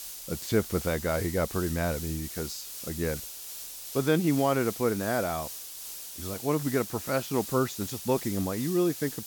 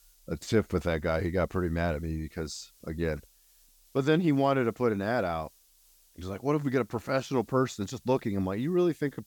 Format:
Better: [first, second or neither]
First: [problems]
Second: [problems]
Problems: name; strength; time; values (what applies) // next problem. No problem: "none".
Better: second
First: hiss; loud; throughout; 8 dB below the speech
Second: hiss; faint; throughout; 30 dB below the speech